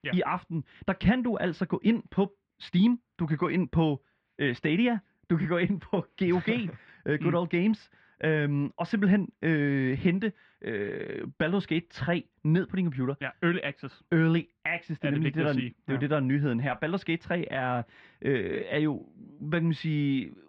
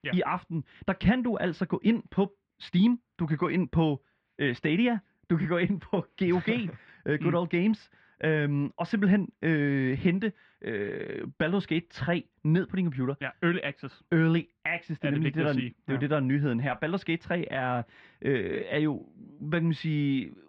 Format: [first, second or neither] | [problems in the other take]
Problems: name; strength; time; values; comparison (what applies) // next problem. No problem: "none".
neither | muffled; slightly; fading above 3 kHz; the same in both